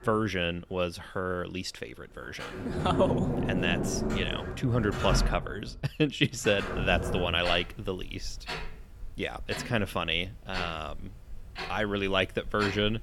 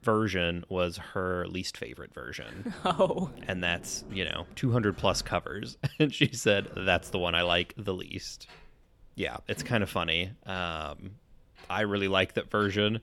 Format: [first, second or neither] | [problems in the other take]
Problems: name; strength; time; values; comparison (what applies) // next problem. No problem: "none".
second | household noises; loud; throughout; 4 dB below the speech; faint in the second